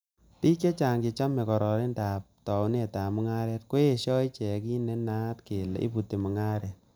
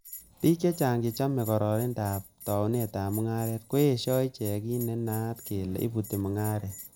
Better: first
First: none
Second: background sound (Bell); 17 dB below the speech

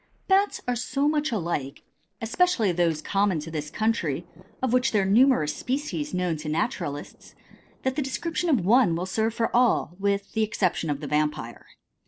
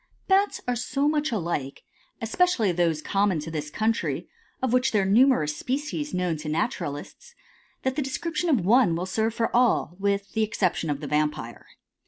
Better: second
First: noise reduction (neural separator model SepFormer DNS4)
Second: none

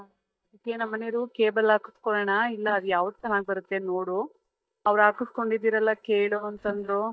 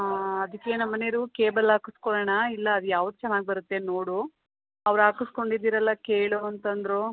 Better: second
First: noise reduction (neural mask model DeepFilterNet 3)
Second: none

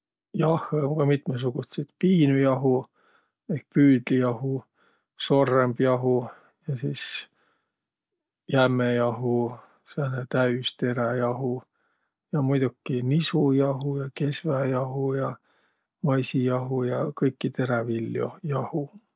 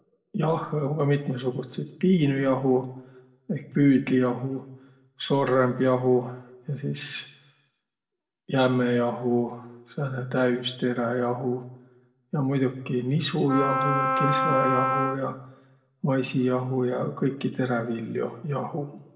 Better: first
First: none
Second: background sound (Wind instrument, woodwind instrument); 1 dB above the speech // room echo; dies away in 0.7 s

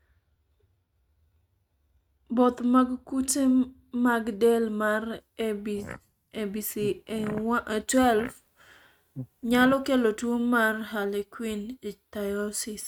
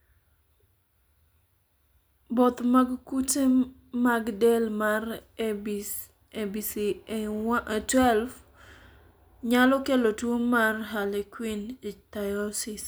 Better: second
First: noise reduction (neural mask model RNNoise)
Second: none

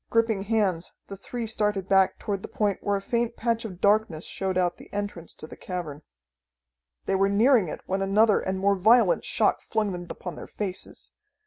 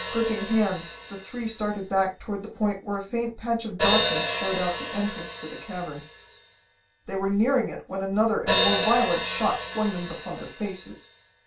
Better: first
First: none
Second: background sound (Hi-hat); 4 dB below the speech // room echo; dies away in 0.2 s

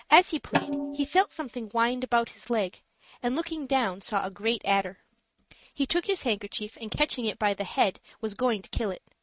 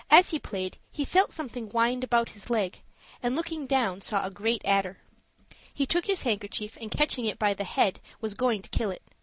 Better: second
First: noise reduction (neural mask model RNNoise)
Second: none

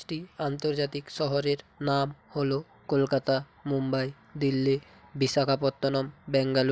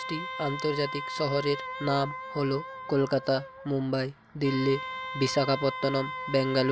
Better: first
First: none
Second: background sound (Wind instrument, woodwind instrument); 9 dB below the speech

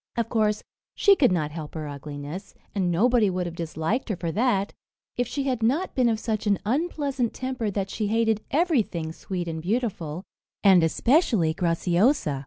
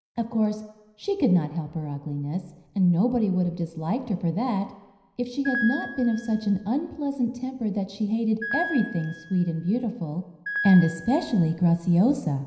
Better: first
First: none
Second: background sound (Piano); 11 dB below the speech // room echo; dies away in 0.9 s

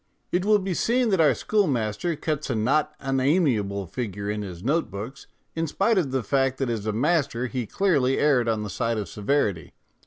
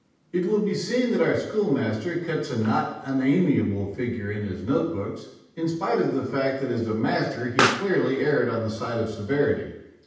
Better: first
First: none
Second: background sound (Explosion); 11 dB below the speech // room echo; dies away in 0.9 s

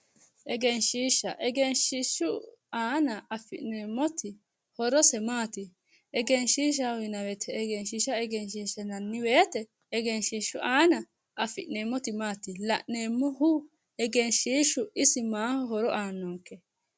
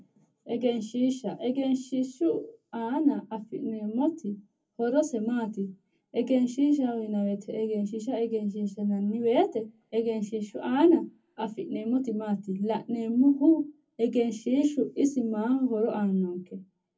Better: first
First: none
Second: room echo; dies away in 0.3 s

